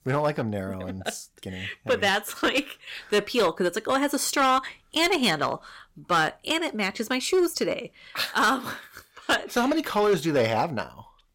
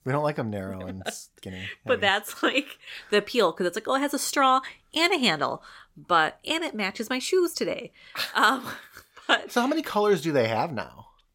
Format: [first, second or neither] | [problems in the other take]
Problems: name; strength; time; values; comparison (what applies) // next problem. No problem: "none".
second | distortion; slight; 5% of the sound clipped